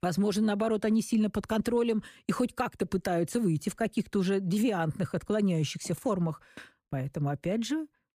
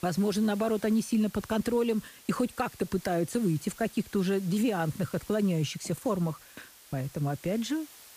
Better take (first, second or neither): first